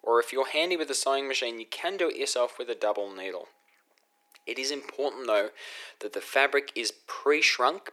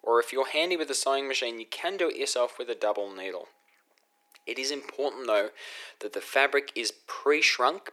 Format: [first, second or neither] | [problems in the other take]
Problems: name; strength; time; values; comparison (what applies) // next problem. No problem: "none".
neither | thin; very; fading below 350 Hz; the same in both